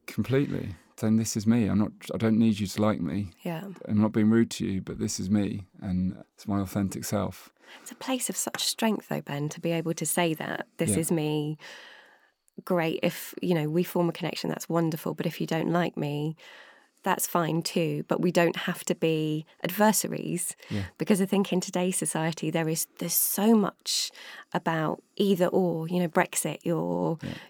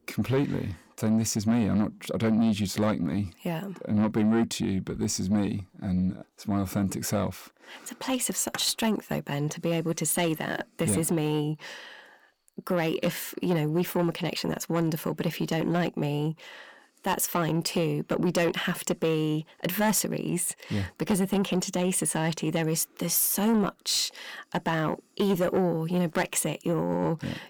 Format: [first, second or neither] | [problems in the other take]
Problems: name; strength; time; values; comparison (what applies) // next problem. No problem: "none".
first | distortion; slight; 10 dB below the speech